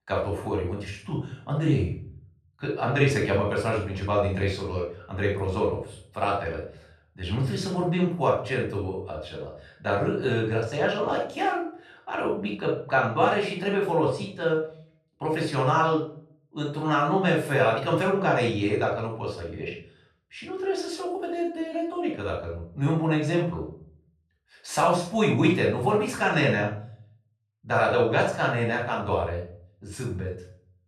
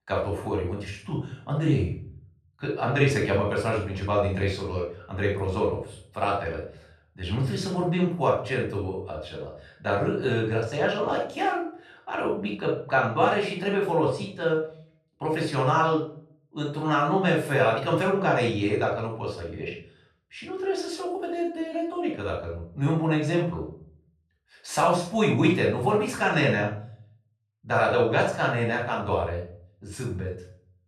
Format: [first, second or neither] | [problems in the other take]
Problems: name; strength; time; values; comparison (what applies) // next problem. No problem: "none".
neither | off-mic speech; far; the same in both // room echo; noticeable; dies away in 0.4 s; the same in both